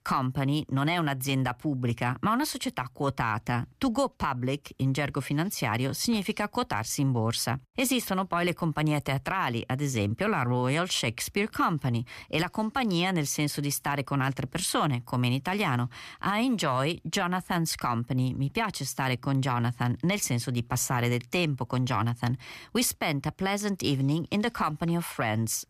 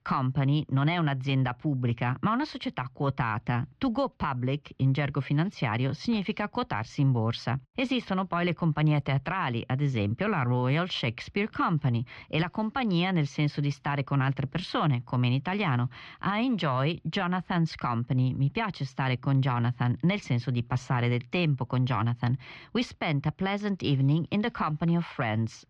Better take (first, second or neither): first